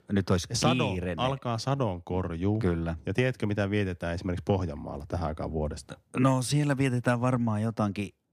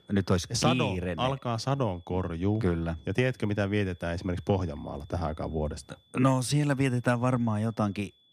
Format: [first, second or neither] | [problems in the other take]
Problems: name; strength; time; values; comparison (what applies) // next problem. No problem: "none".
first | high-pitched whine; faint; throughout; 3.5 kHz, 35 dB below the speech